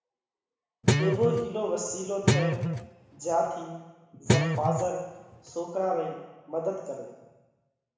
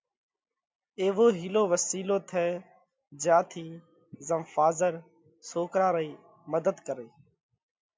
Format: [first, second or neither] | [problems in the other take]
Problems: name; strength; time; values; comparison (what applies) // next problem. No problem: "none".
second | background sound (Guitar); 3 dB above the speech // room echo; dies away in 1 s